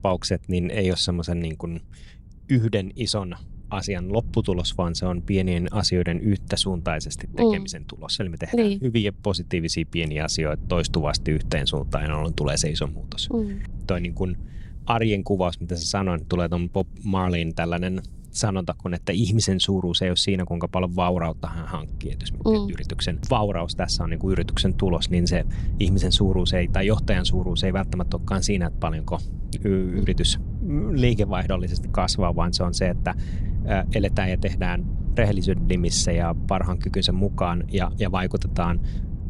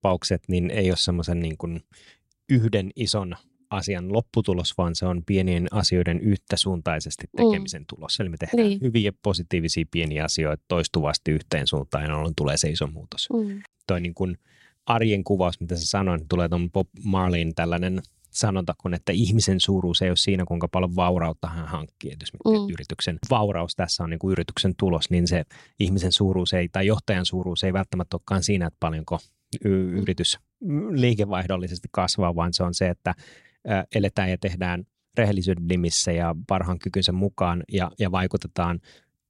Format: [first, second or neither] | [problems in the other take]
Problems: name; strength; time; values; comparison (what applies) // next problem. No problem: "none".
second | wind noise on the microphone; occasional gusts; 20 dB below the speech